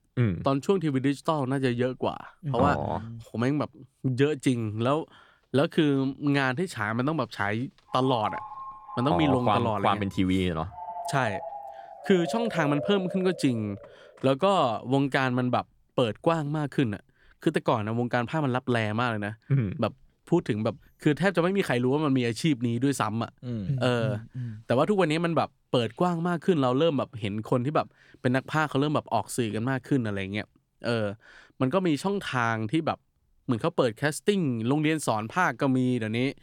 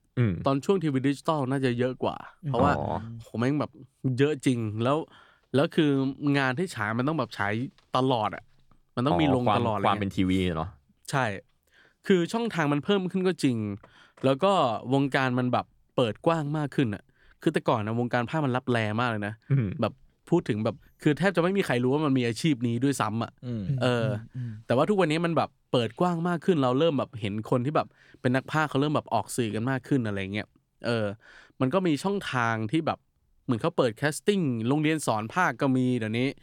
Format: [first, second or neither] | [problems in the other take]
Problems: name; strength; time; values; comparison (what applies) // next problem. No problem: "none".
second | phone ringing; noticeable; from 8 to 14 s; peak 7 dB below the speech